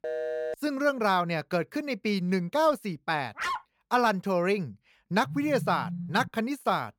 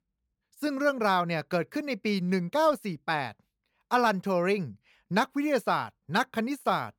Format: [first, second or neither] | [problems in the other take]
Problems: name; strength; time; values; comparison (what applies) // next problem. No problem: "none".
second | phone ringing; noticeable; at the start and from 5.5 to 6.5 s; peak 4 dB below the speech // dog barking; noticeable; at 3.5 s; peak 4 dB below the speech